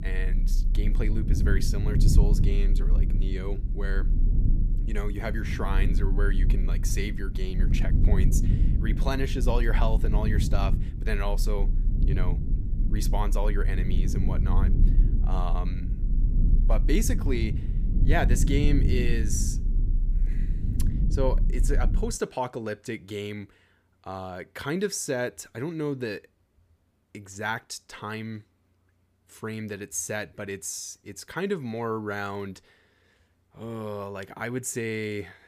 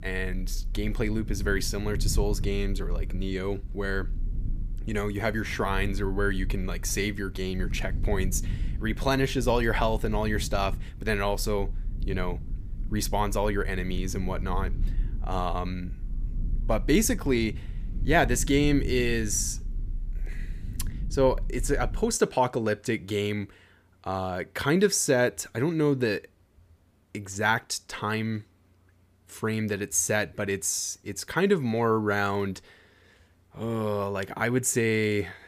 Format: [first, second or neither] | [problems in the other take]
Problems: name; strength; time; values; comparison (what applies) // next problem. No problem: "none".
second | low rumble; loud; until 22 s; 9 dB below the speech; faint in the second